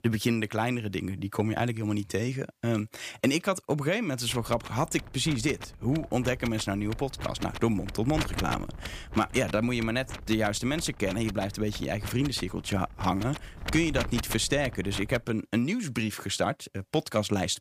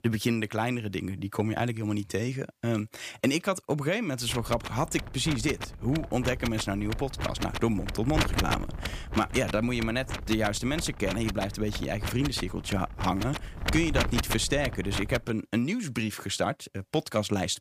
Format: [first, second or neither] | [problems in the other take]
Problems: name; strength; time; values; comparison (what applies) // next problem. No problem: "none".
first | wind noise on the microphone; heavy; from 4.5 to 15 s; 5 dB below the speech; occasional gusts in the first